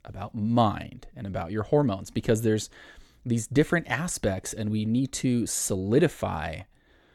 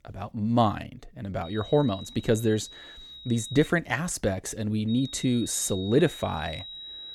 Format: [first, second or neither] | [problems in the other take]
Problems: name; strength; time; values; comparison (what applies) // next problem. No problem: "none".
first | high-pitched whine; noticeable; from 1.5 to 3.5 s and from 5 s on; 4 kHz, 15 dB below the speech